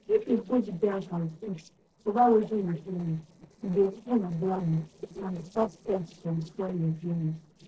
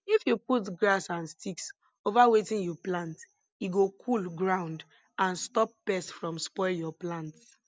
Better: second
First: noise reduction (neural separator model SepFormer DNS4)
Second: none

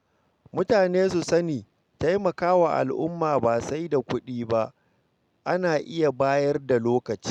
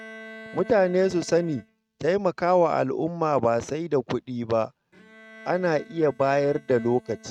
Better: first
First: none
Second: noise reduction (neural mask model RNNoise)

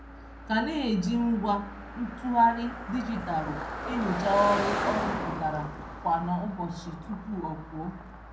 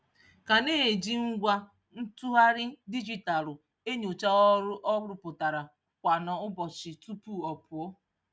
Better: second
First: background sound (Car passing by); 7 dB below the speech // room echo; dies away in 0.6 s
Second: none

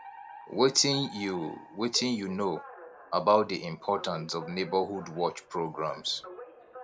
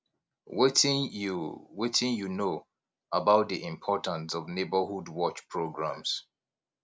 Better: second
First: background sound (Alarm); 18 dB below the speech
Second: none

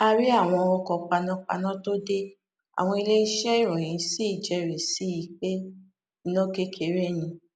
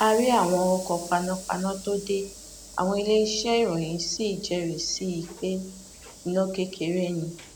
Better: first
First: none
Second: background sound (Sliding door / Hiss); 17 dB below the speech

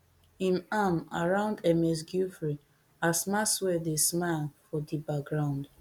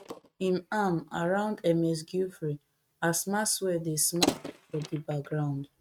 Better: first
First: none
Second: noise reduction (neural mask model RNNoise)

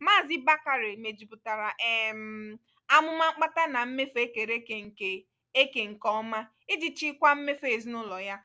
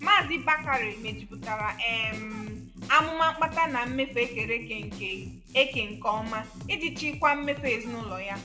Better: first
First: none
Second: background sound (Drum kit); 13 dB below the speech // room echo; dies away in 0.8 s

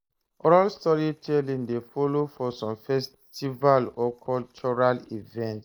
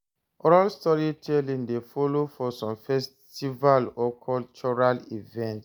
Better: second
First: noise reduction (neural mask model Resemble Enhance denoiser)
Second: none

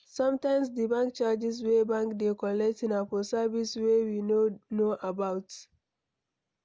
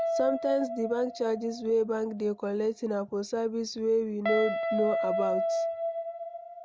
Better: first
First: none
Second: background sound (Guitar); 3 dB below the speech

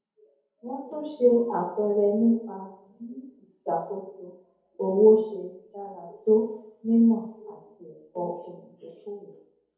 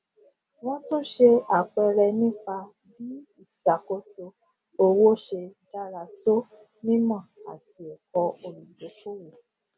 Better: second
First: room echo; dies away in 2.1 s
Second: none

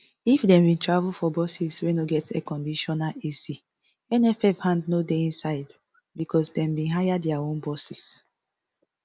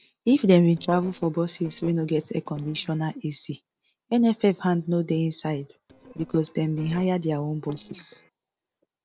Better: first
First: none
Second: noise reduction (neural separator model SepFormer DNS4)

